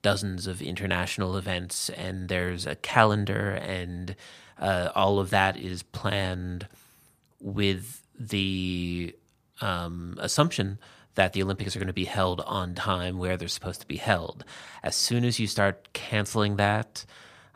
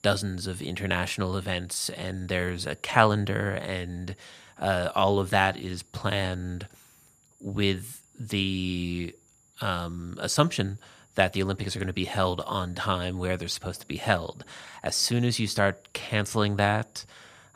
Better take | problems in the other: first | high-pitched whine; faint; throughout; 7 kHz, 30 dB below the speech

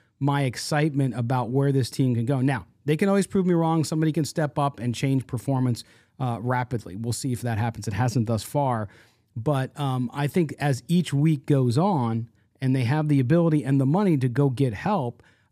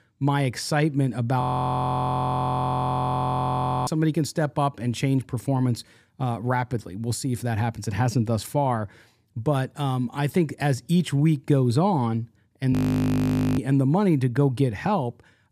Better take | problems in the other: first | audio freezing; at 1.5 s for 2.5 s and at 13 s for 1 s

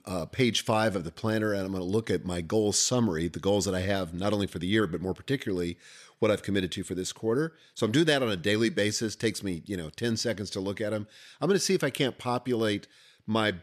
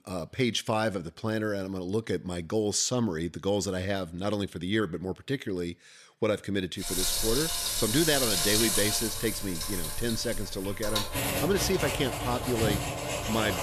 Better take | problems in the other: first | household noises; very loud; from 7 s on; 1 dB above the speech

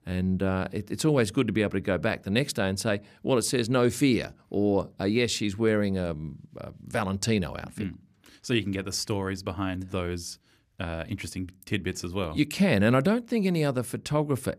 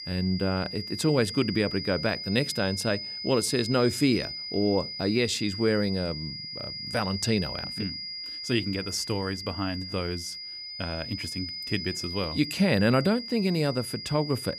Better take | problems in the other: first | high-pitched whine; loud; throughout; 5 kHz, 7 dB below the speech

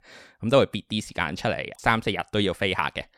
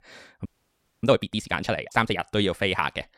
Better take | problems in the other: first | audio freezing; at 0.5 s for 0.5 s

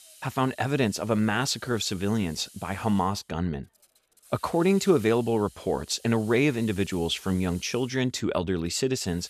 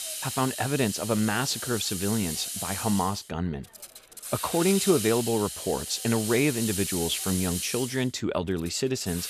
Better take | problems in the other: first | hiss; loud; throughout; 4 dB below the speech; faint in the first

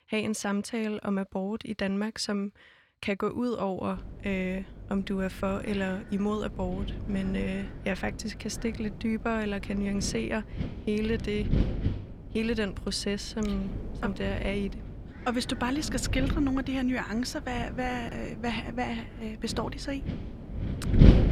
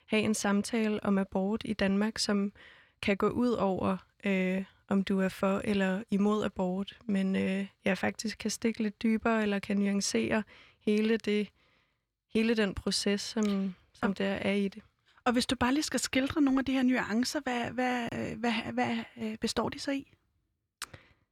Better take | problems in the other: second | wind noise on the microphone; heavy; from 4 s on; 9 dB below the speech

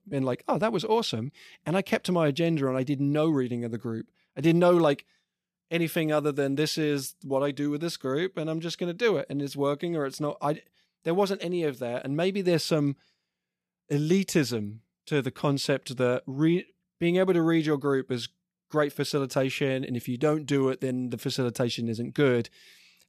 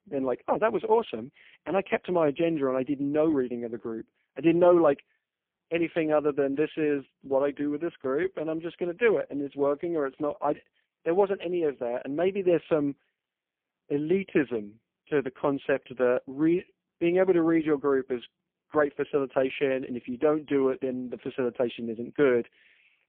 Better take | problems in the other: first | phone-call audio; poor line; nothing above 3 kHz

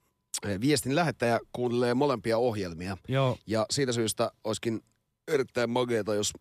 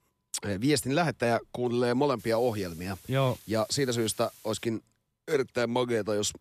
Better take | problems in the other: first | hiss; faint; from 2 to 4.5 s; 20 dB below the speech

